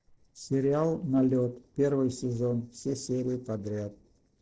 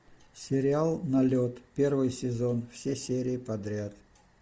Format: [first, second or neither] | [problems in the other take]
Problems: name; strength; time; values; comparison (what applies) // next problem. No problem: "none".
second | noise reduction (neural separator model SepFormer DNS4)